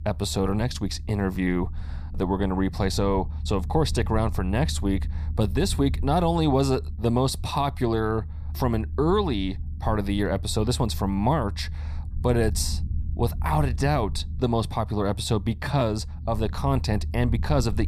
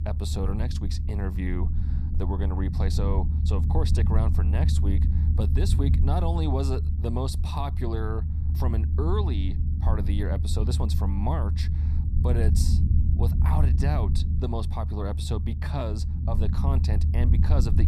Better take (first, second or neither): first